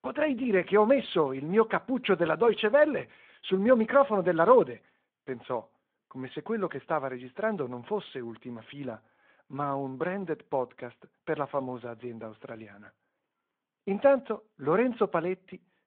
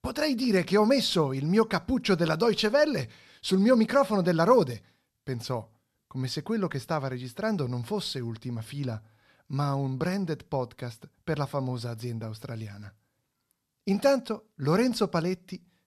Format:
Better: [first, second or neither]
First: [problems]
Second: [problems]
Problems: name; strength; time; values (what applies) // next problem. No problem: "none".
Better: second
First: phone-call audio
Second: none